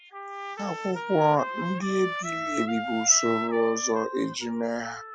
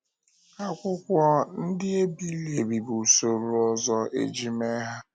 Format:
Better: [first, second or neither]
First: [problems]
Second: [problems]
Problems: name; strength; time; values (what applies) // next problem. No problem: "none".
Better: second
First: noise reduction (classical method Wiener filter)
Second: none